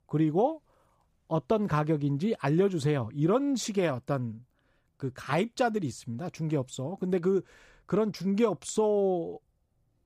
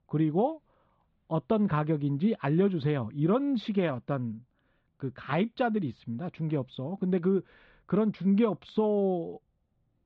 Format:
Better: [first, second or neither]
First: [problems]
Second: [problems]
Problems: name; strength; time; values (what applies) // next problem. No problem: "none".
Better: first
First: none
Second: muffled; very; fading above 3.5 kHz